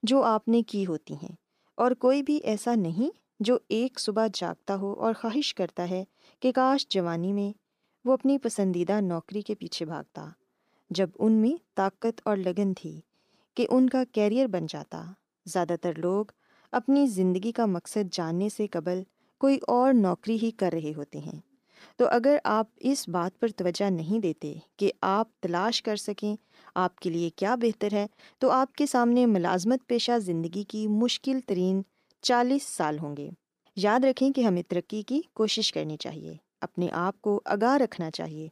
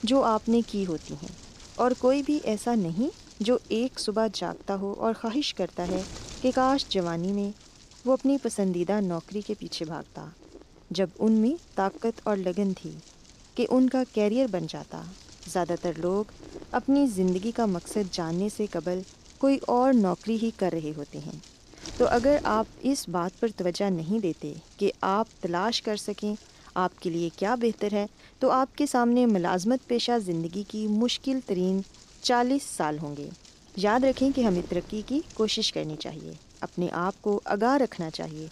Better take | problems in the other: first | wind noise on the microphone; occasional gusts; 20 dB below the speech

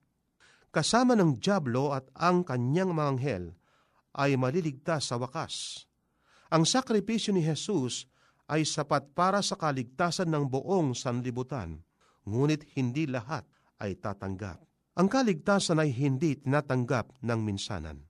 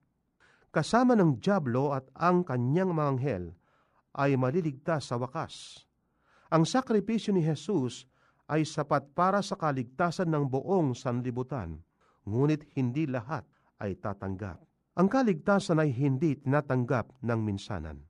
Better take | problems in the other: first | muffled; slightly; fading above 2.5 kHz

